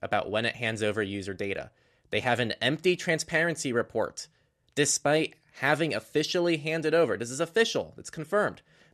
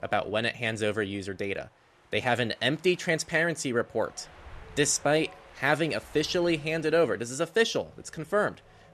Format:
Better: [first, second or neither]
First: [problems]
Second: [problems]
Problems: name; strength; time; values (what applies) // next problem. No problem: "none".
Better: first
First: none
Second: wind noise on the microphone; occasional gusts; 25 dB below the speech